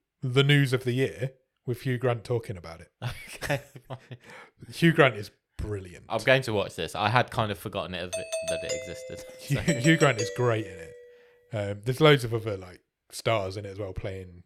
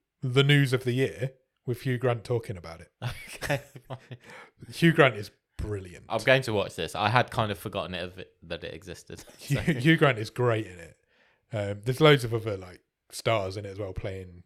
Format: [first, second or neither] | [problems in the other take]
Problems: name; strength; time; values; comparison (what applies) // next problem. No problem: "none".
second | doorbell; noticeable; from 8 to 11 s; peak 4 dB below the speech